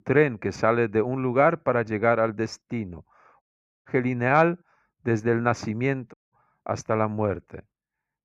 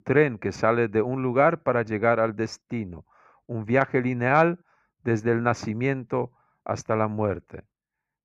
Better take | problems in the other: second | audio cutting out; at 3.5 s and at 6 s

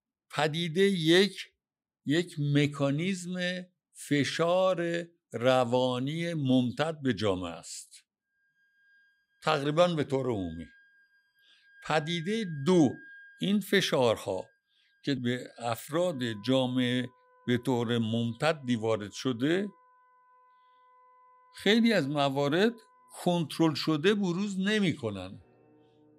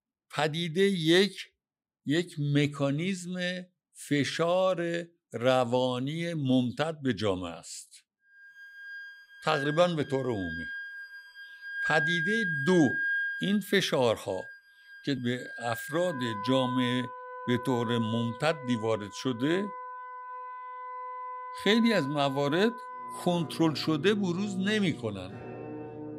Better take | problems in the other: first | background music; loud; from 8.5 s on; 8 dB below the speech; faint in the first

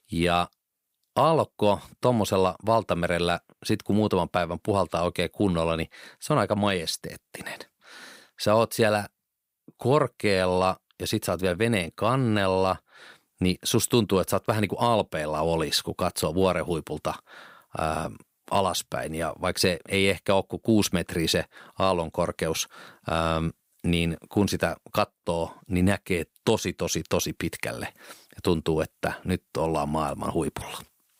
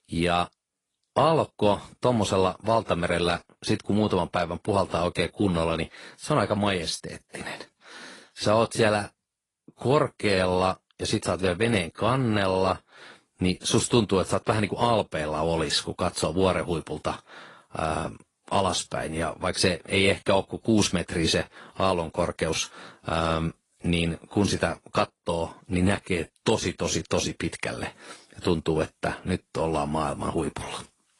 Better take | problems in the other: first | garbled, watery; slightly

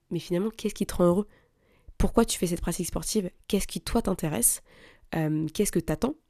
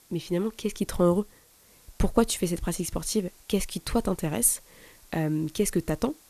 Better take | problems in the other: first | hiss; faint; throughout; 25 dB below the speech

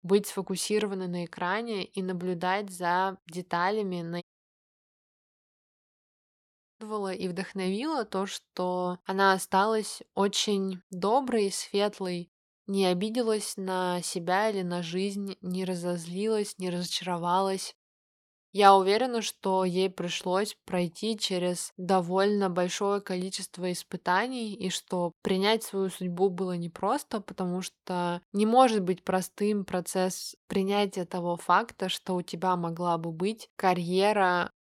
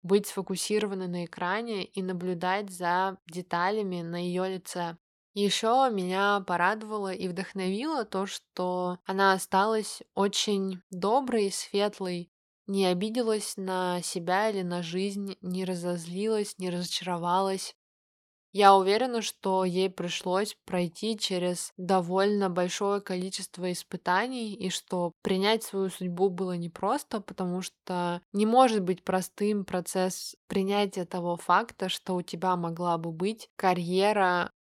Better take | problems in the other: second | audio cutting out; at 4 s for 2.5 s

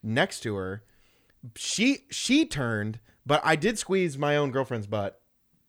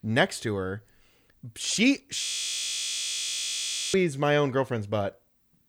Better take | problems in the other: first | audio freezing; at 2 s for 1.5 s

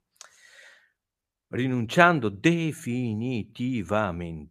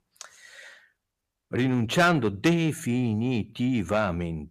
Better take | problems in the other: first | distortion; heavy; 8 dB below the speech

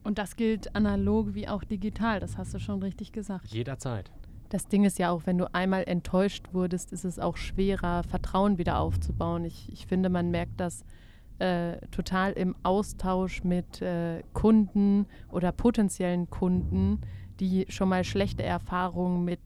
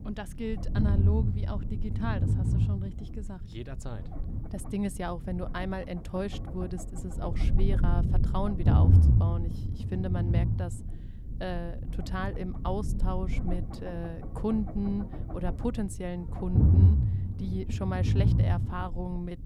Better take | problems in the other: first | low rumble; loud; throughout; 3 dB below the speech; faint in the first

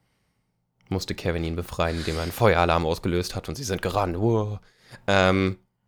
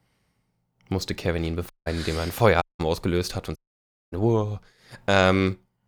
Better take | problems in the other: first | audio cutting out; at 1.5 s, at 2.5 s and at 3.5 s for 0.5 s

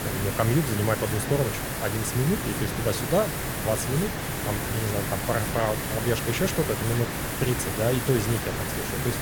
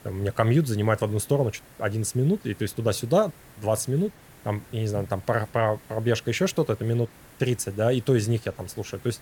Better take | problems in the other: second | hiss; loud; throughout; 1 dB below the speech; faint in the second

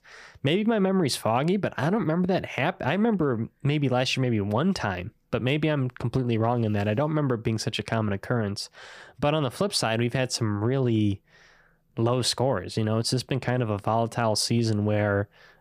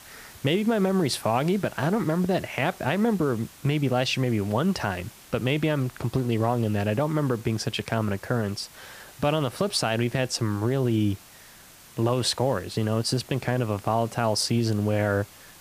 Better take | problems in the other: first | hiss; faint; throughout; 20 dB below the speech

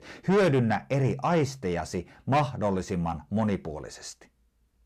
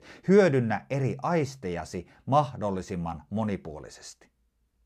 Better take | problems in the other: second | distortion; heavy; 7 dB below the speech

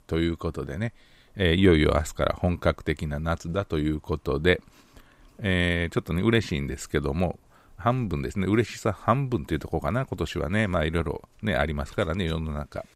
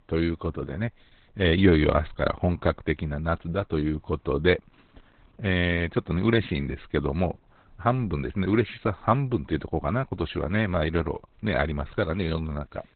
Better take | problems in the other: first | garbled, watery; badly; nothing above 4 kHz

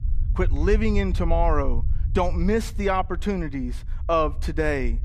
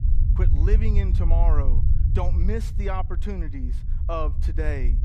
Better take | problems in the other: first | low rumble; loud; throughout; 9 dB below the speech; faint in the first

